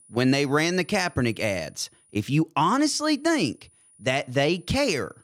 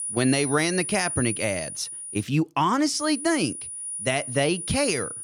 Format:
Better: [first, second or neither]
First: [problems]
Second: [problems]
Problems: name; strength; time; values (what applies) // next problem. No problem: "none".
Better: first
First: high-pitched whine; faint; until 2 s and from 3 s on; 9.5 kHz, 30 dB below the speech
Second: high-pitched whine; loud; until 2 s and from 3 s on; 9.5 kHz, 6 dB below the speech